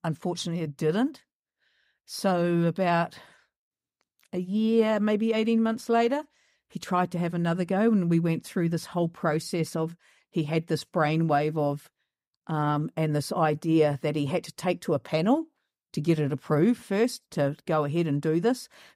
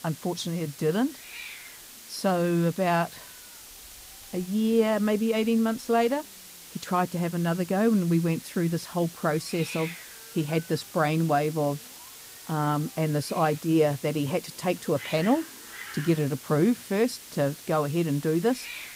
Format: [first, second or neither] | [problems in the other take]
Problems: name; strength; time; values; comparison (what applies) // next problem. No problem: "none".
first | hiss; noticeable; throughout; 15 dB below the speech